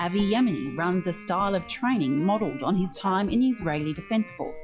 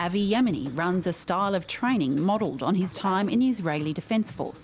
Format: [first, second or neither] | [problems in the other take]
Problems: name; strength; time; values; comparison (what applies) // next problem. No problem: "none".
second | noise reduction (classical method log-MMSE)